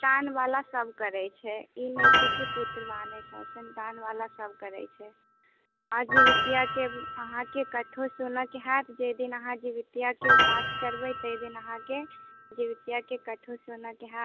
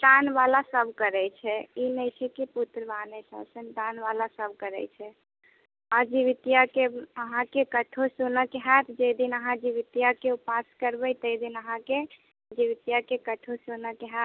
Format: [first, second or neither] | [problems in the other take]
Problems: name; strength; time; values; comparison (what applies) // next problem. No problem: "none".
second | background sound (Piano); 3 dB above the speech